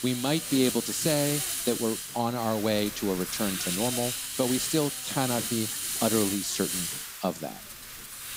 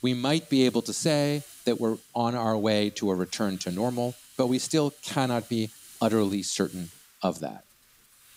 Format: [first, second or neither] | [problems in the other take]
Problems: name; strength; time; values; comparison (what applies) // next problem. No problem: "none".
second | hiss; loud; throughout; 2 dB below the speech; faint in the second